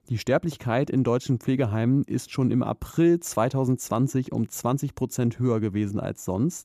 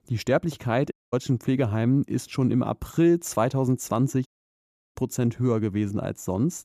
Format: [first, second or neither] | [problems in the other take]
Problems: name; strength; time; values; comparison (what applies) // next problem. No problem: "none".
first | audio cutting out; at 1 s and at 4.5 s for 0.5 s